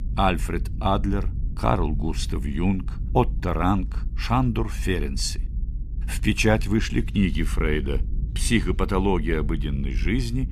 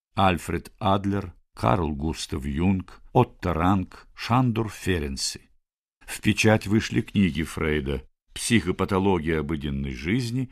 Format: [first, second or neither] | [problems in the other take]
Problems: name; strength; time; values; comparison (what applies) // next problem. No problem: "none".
second | low rumble; faint; throughout; 20 dB below the speech